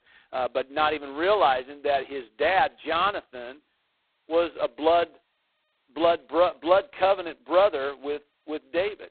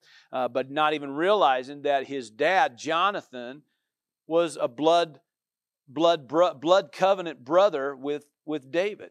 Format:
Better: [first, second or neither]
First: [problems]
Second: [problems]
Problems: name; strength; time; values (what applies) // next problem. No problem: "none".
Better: second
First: phone-call audio; poor line; nothing above 4 kHz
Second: none